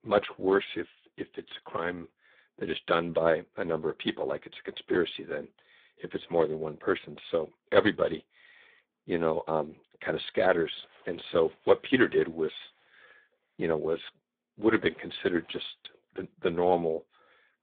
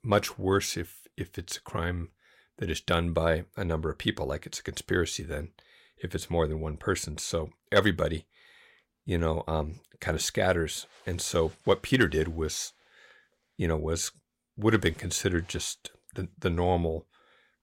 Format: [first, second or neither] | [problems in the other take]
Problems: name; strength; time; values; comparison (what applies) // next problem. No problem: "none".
second | phone-call audio; poor line; nothing above 3.5 kHz